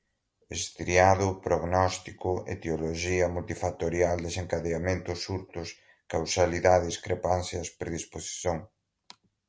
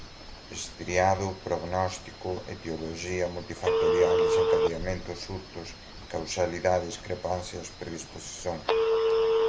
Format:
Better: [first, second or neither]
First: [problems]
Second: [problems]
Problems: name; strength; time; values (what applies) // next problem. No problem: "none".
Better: first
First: none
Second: background sound (Telephone); 2 dB above the speech // room echo; dies away in 1.6 s